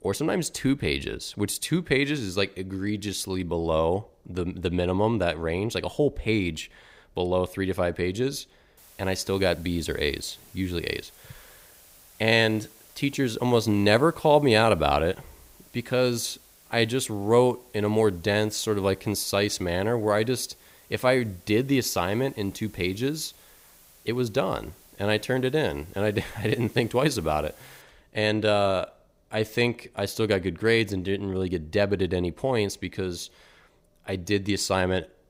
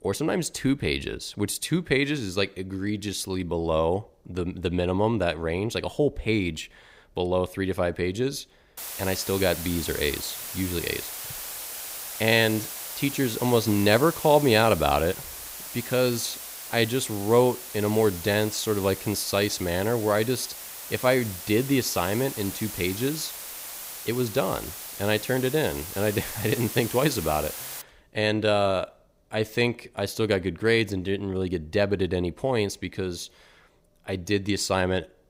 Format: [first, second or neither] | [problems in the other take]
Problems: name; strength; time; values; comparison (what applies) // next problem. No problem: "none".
first | hiss; loud; from 9 to 28 s; 9 dB below the speech; faint in the first